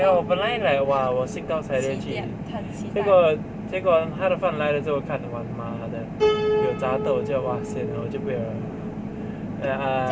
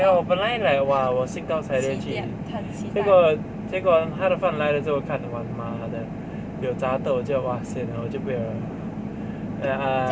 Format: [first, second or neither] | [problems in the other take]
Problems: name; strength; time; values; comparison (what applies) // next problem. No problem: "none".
second | background sound (Piano); 8 dB below the speech